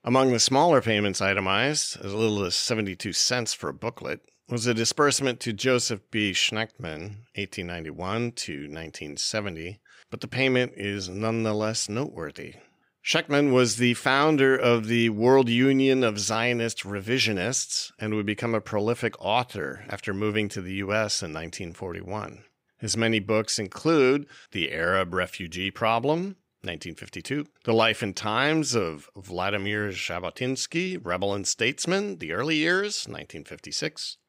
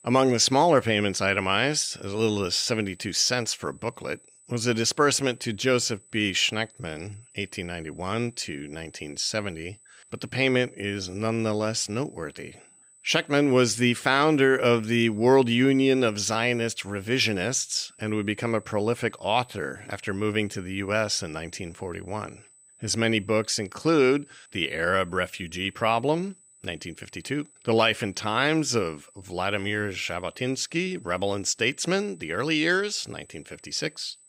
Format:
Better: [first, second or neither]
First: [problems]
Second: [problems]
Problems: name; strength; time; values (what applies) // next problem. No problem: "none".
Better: first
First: none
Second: high-pitched whine; faint; throughout; 8 kHz, 30 dB below the speech